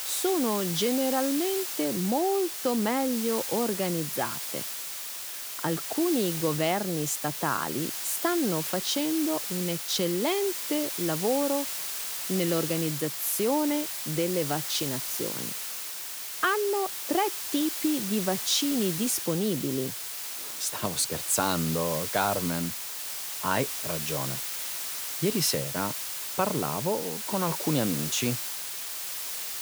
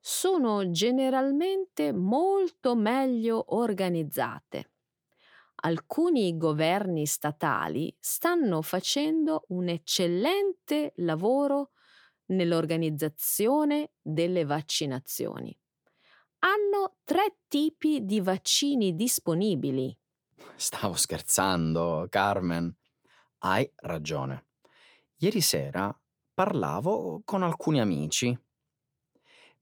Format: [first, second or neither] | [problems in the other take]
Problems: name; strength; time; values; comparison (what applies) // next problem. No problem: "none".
second | hiss; loud; throughout; 3 dB below the speech